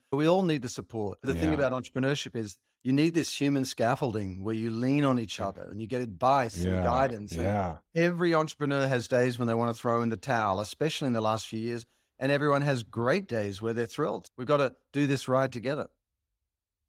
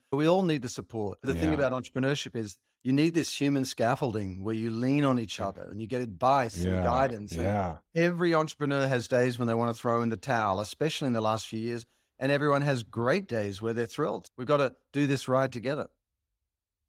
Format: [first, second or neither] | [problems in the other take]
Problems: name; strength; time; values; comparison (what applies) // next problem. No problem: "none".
neither | garbled, watery; slightly; nothing above 16 kHz; the same in both